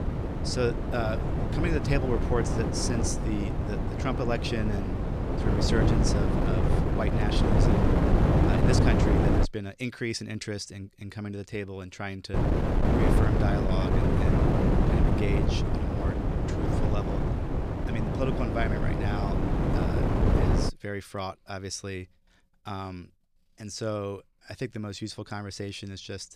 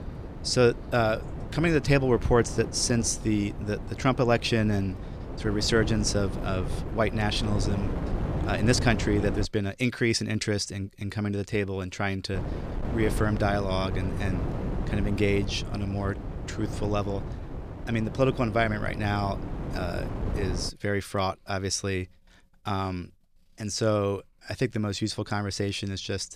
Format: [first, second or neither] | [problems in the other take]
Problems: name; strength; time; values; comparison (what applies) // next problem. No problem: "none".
second | wind noise on the microphone; heavy; until 9.5 s and from 12 to 21 s; 3 dB above the speech; occasional gusts in the second